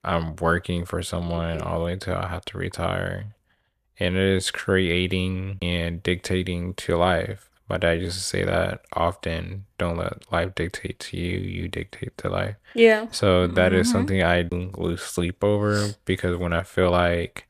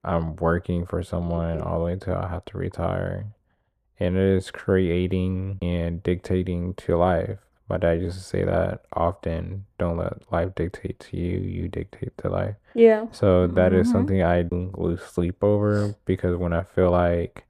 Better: first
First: none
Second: muffled; slightly; fading above 1.5 kHz

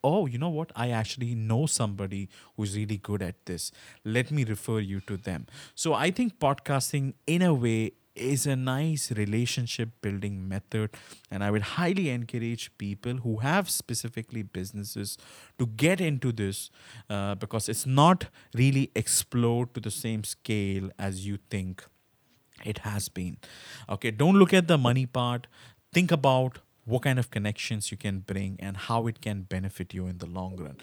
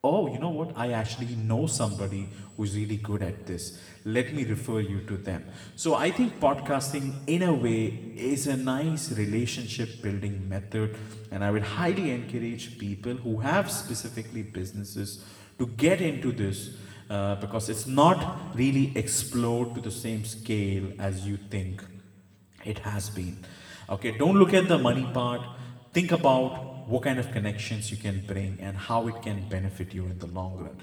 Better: first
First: none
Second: room echo; slight; dies away in 1.3 s // off-mic speech; somewhat distant

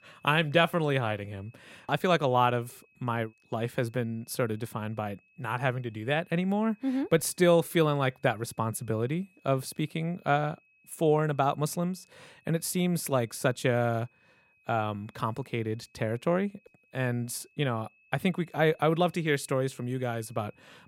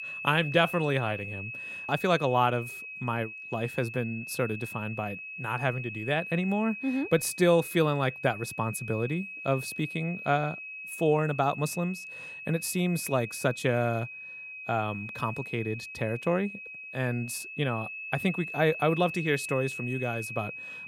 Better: first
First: high-pitched whine; faint; throughout; 2.5 kHz, 35 dB below the speech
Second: high-pitched whine; loud; throughout; 2.5 kHz, 9 dB below the speech

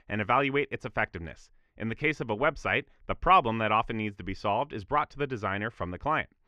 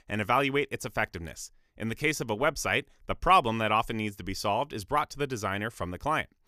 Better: second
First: muffled; slightly; fading above 2.5 kHz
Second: none

